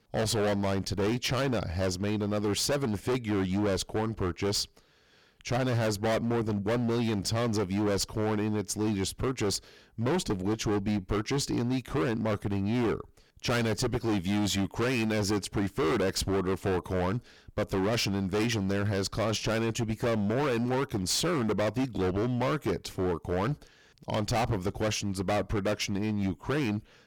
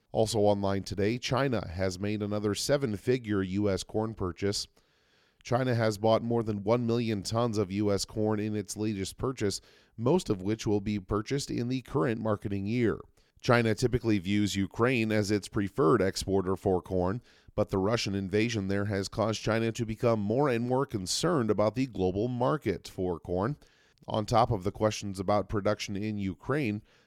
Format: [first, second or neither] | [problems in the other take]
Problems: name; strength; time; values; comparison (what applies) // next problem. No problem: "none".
second | distortion; heavy; 22% of the sound clipped